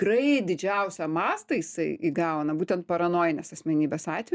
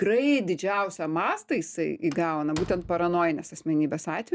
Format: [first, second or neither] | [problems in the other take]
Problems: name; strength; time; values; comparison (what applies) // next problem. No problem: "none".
first | background sound (Slam); 17 dB below the speech